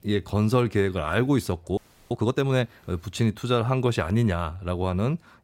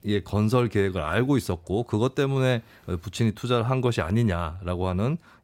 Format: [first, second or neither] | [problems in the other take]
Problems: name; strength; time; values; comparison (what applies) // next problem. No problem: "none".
second | audio freezing; at 2 s